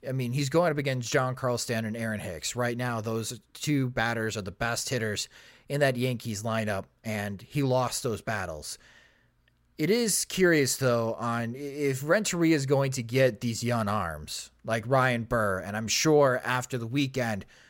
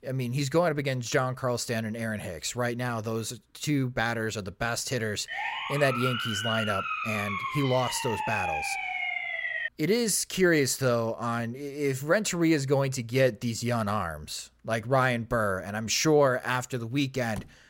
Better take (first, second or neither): first